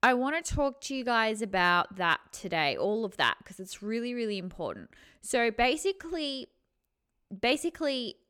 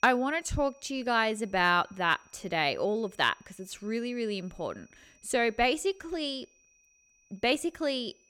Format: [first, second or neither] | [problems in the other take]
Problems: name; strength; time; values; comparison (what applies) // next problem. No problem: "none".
first | high-pitched whine; faint; throughout; 6 kHz, 30 dB below the speech